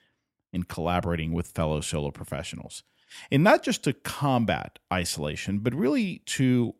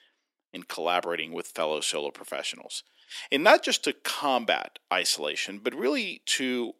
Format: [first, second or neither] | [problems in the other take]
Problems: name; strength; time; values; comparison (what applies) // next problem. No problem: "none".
first | thin; somewhat; fading below 300 Hz